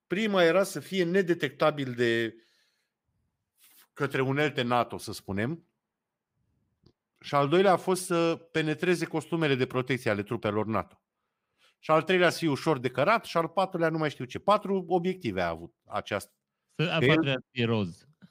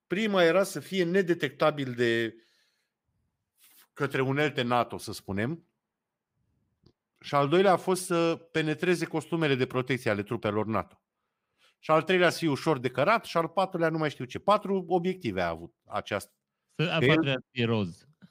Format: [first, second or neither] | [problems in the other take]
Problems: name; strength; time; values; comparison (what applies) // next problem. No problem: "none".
neither | none